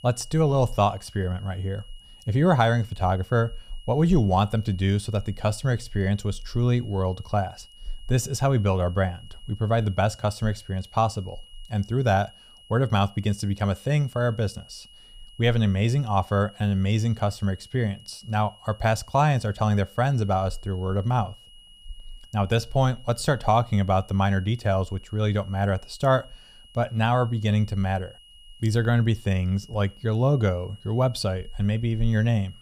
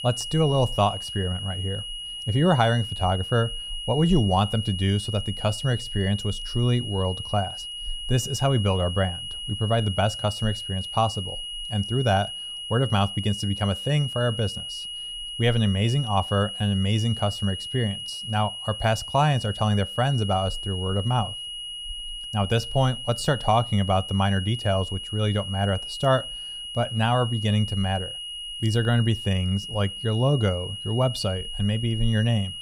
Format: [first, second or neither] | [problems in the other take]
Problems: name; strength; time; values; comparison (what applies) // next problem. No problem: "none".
first | high-pitched whine; loud; throughout; 3 kHz, 7 dB below the speech; faint in the first